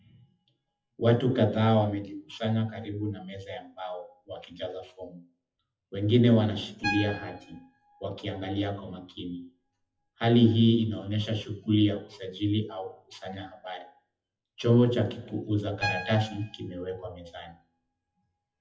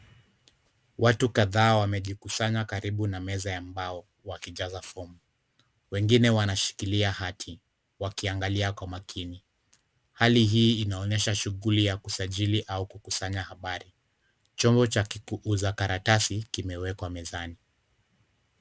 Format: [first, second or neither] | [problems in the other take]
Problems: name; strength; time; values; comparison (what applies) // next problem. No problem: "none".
second | noise reduction (classical method WPE with log-MMSE)